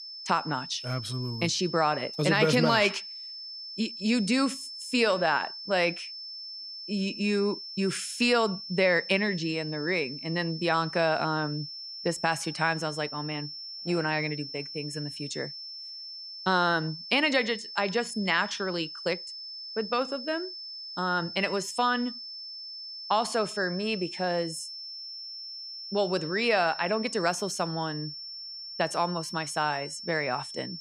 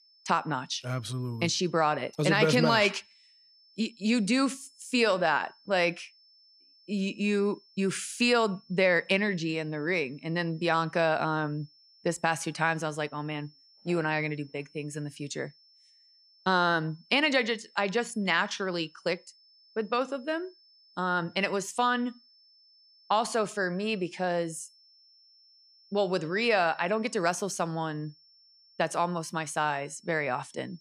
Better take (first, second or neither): second